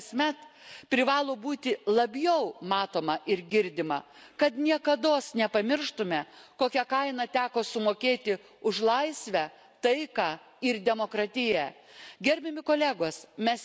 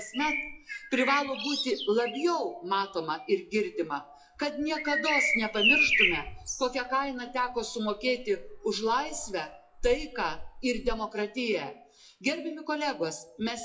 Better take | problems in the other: first | noise reduction (classical method WPE with log-MMSE)

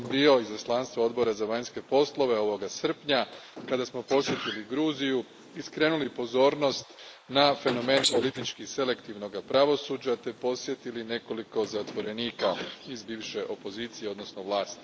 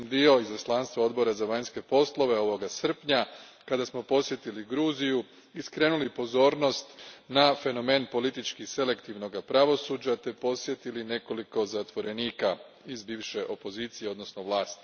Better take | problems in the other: second | noise reduction (neural mask model Resemble Enhance denoiser)

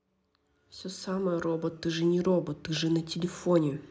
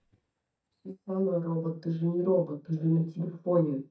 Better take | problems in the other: first | noise reduction (neural mask model DeepFilterNet 3)

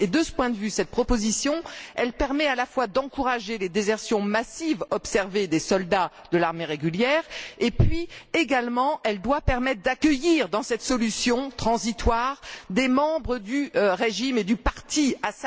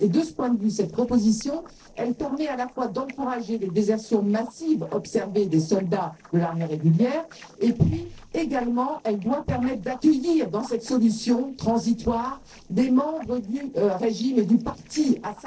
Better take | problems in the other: first | noise reduction (neural separator model SepFormer DNS4)

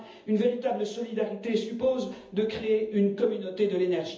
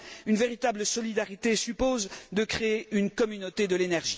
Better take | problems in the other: second | room echo; dies away in 0.7 s

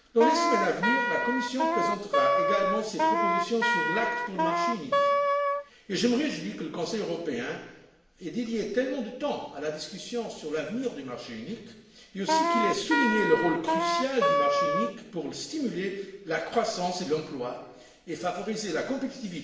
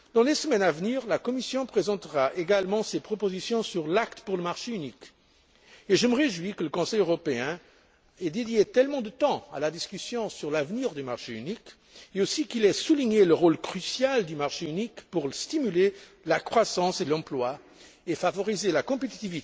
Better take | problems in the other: second | background sound (Wind instrument, woodwind instrument); 4 dB above the speech // room echo; dies away in 0.9 s

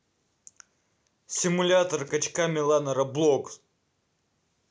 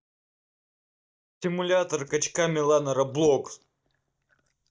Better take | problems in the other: first | noise reduction (neural mask model DeepFilterNet 3)

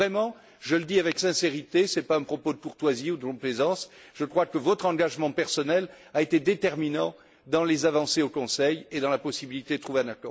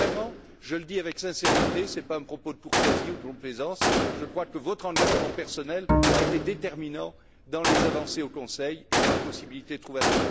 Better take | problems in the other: first | background sound (Gunshot, gunfire + Bowed string instrument); 5 dB above the speech

